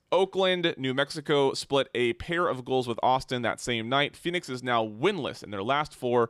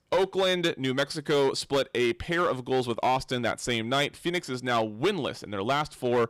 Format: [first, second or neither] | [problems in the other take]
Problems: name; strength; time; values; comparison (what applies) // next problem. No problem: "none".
first | distortion; slight; 7% of the sound clipped